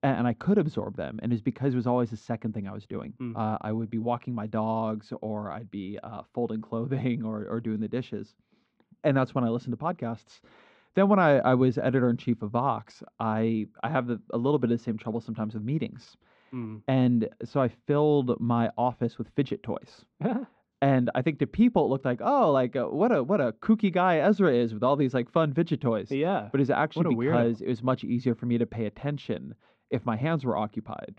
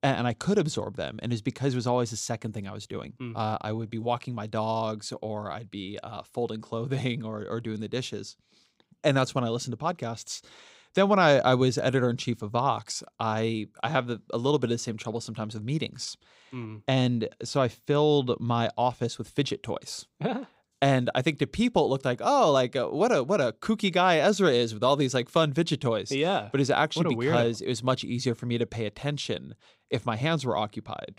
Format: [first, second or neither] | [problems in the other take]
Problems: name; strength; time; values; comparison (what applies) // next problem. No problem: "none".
second | muffled; very; fading above 2 kHz